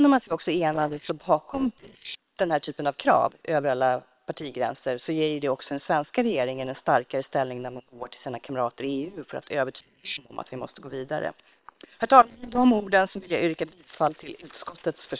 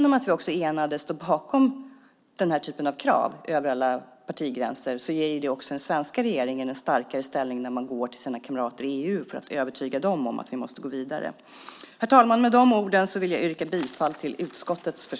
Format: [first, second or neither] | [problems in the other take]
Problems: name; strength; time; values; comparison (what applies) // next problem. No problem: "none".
second | noise reduction (neural separator model SepFormer WHAM!)